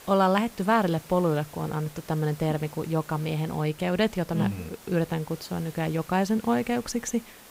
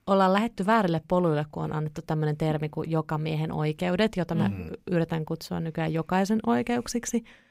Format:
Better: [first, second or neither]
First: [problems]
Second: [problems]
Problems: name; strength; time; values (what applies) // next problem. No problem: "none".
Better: second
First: hiss; noticeable; throughout; 20 dB below the speech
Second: none